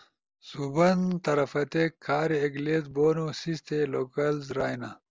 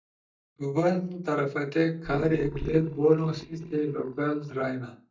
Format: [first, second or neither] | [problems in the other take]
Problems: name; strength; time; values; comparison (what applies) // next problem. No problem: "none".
first | noise reduction (neural mask model DeepFilterNet 3)